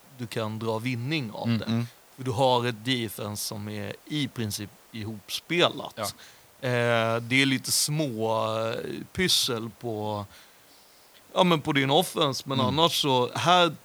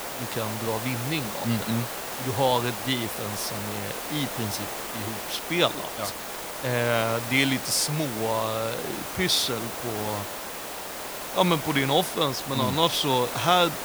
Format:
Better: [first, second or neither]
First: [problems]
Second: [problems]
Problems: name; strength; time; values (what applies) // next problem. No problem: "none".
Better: first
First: hiss; faint; throughout; 25 dB below the speech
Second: hiss; loud; throughout; 6 dB below the speech